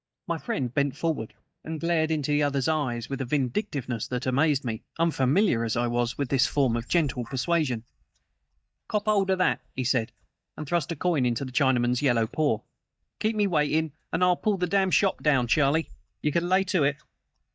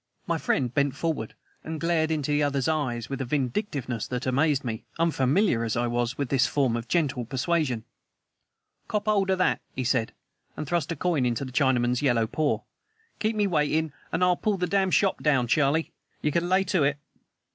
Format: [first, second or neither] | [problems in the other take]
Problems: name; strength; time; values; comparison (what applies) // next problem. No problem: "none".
second | noise reduction (neural mask model DeepFilterNet 3)